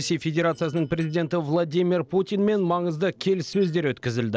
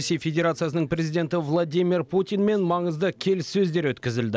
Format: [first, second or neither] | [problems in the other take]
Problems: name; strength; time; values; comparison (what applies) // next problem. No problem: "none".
second | noise reduction (neural separator model SepFormer DNS4)